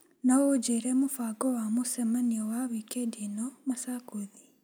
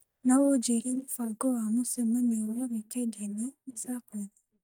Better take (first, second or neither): first